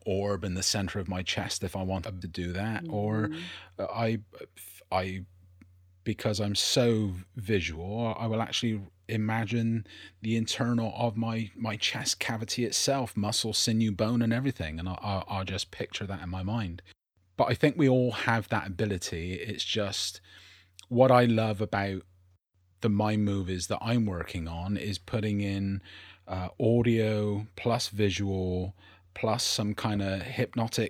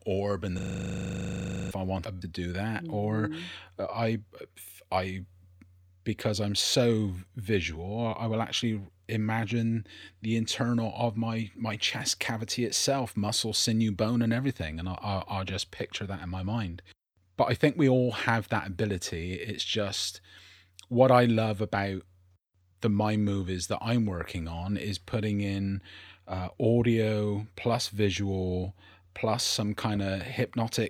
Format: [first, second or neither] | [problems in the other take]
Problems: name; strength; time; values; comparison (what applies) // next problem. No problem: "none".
first | audio freezing; at 0.5 s for 1 s